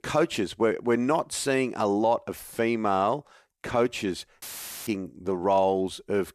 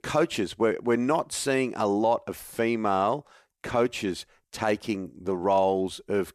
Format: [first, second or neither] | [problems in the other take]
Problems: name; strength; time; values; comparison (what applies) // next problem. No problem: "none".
second | audio cutting out; filled with static; at 4.5 s